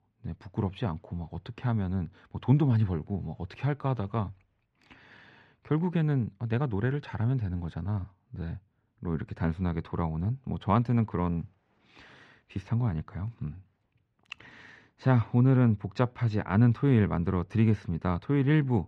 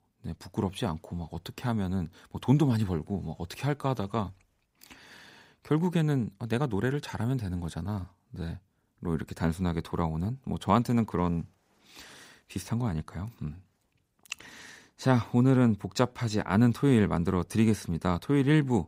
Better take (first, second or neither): second